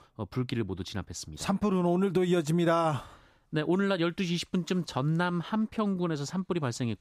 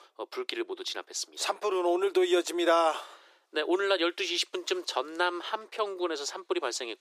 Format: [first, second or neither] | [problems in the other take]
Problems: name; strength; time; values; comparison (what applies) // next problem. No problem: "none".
first | thin; very; fading below 350 Hz